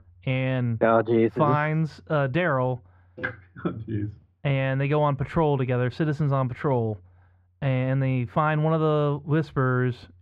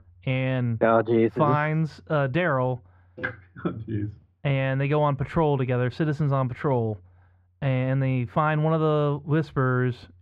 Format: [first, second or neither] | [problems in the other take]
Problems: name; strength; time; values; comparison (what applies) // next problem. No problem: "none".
neither | muffled; very; fading above 1.5 kHz; the same in both